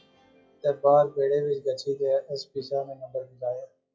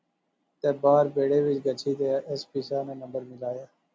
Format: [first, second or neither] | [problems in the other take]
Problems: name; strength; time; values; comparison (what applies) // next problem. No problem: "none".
second | noise reduction (classical method WPE with log-MMSE)